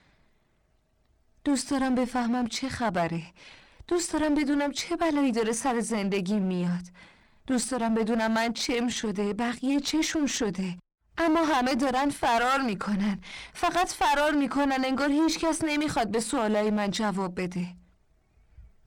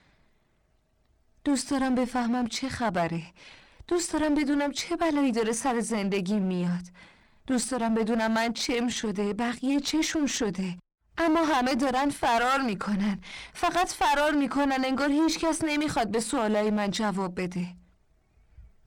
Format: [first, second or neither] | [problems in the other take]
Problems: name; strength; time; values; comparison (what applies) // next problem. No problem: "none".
neither | distortion; heavy; 15% of the sound clipped; the same in both